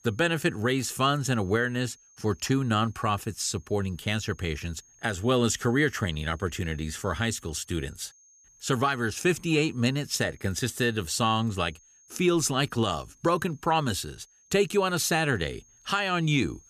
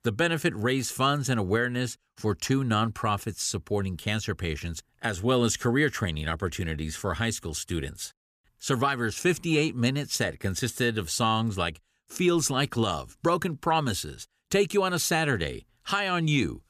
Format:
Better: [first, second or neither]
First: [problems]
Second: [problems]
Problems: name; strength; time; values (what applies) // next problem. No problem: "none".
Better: second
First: high-pitched whine; faint; throughout; 6.5 kHz, 30 dB below the speech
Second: none